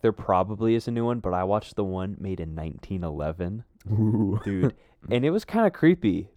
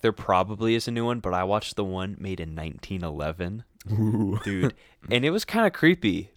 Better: second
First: muffled; slightly; fading above 1.5 kHz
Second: none

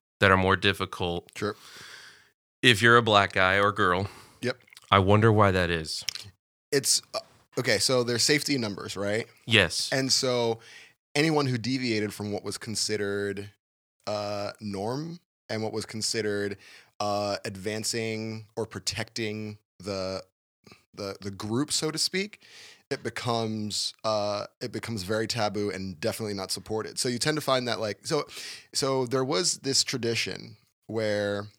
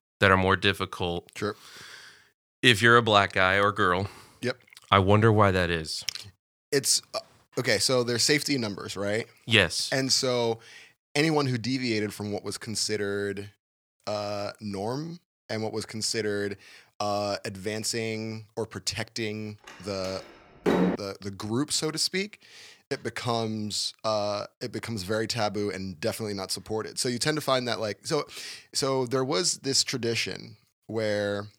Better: first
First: none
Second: door banging; loud; at 21 s; peak 2 dB above the speech

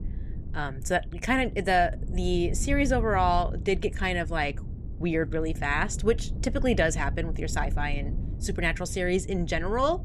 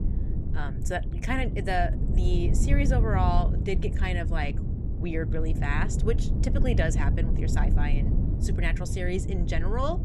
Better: first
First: low rumble; faint; throughout; 20 dB below the speech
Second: low rumble; loud; throughout; 8 dB below the speech

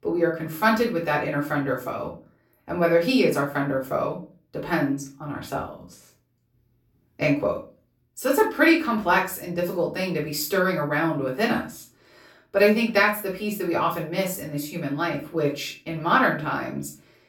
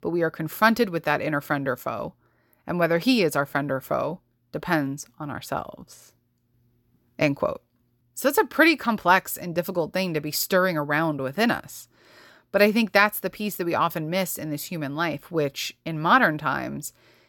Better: second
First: off-mic speech; far // room echo; slight; dies away in 0.3 s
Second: none

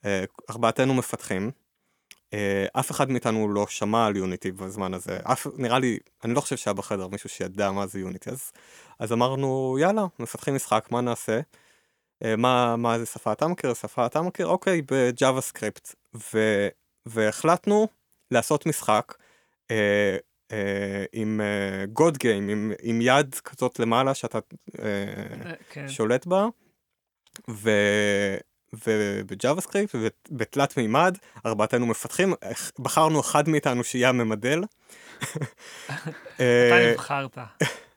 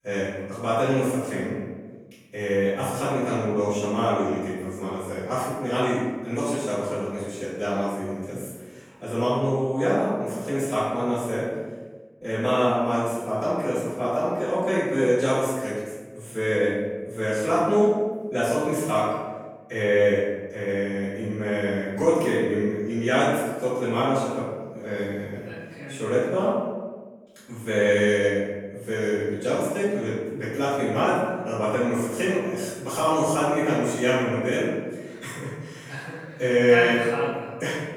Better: first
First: none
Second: off-mic speech; far // room echo; strong; dies away in 1.2 s

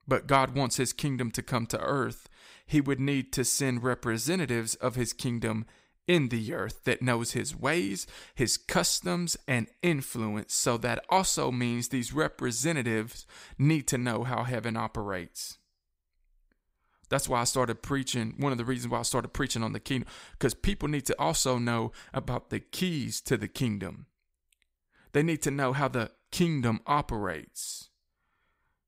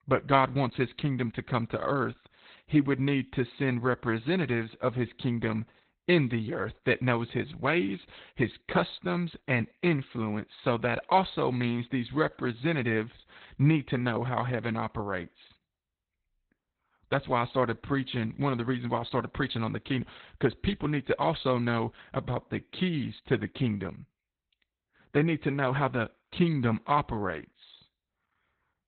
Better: first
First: none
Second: garbled, watery; badly; nothing above 4 kHz

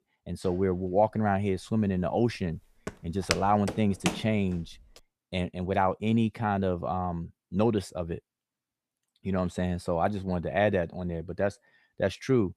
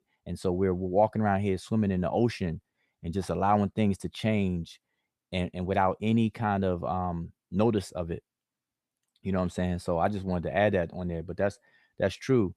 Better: second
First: footsteps; noticeable; from 3 to 4 s; peak 3 dB below the speech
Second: none

